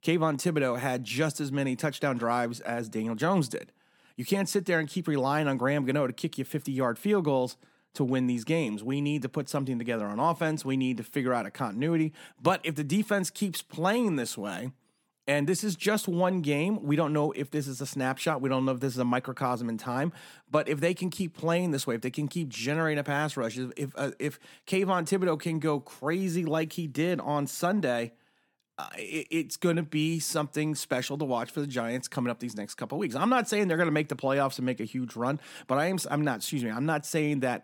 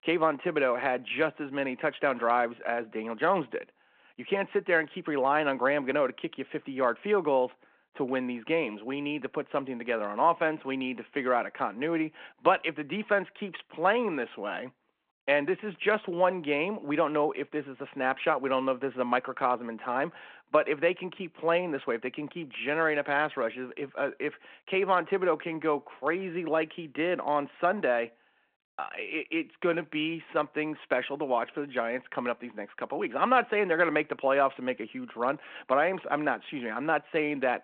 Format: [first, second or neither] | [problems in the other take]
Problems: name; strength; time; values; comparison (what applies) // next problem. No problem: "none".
first | phone-call audio